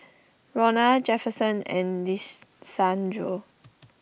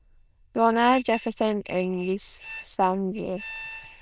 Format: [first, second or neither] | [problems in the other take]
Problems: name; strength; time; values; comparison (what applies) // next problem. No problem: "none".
first | noise reduction (neural diffusion model UNIVERSE++)